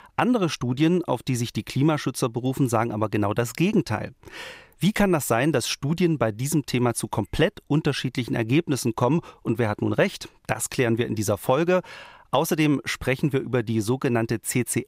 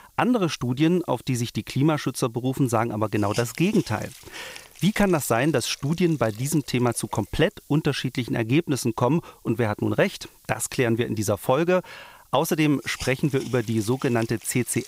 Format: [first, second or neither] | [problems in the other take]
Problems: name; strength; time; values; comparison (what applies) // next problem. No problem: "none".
first | hiss; faint; throughout; 20 dB below the speech